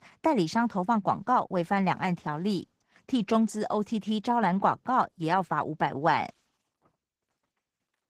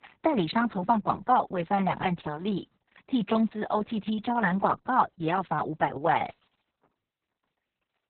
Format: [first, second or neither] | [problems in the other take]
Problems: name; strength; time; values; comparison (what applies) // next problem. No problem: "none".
first | garbled, watery; badly; nothing above 4 kHz; slightly in the first